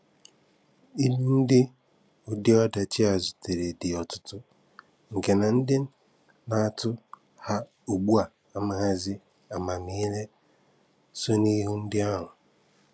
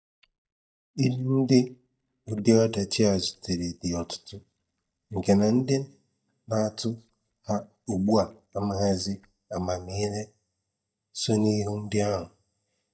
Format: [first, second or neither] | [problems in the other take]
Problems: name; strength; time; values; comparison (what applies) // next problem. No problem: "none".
first | noise reduction (neural mask model DeepFilterNet 3)